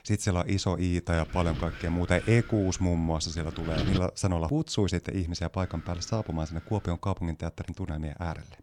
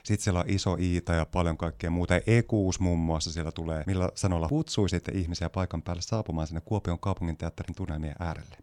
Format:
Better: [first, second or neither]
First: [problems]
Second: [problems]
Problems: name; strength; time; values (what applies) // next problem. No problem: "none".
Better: second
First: wind noise on the microphone; heavy; from 1 to 4 s and from 5.5 to 7 s; 10 dB below the speech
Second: none